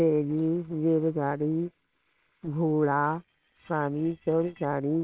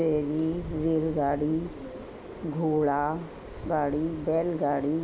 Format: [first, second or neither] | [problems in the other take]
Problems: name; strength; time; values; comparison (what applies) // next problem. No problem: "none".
second | noise reduction (neural separator model SepFormer WHAMR!)